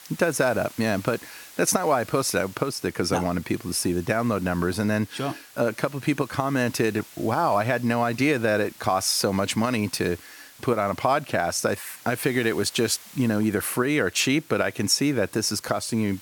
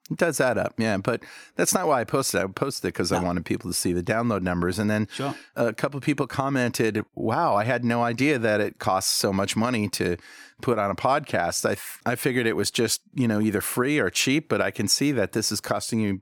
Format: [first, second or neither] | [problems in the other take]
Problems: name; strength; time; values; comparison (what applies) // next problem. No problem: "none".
second | hiss; faint; throughout; 20 dB below the speech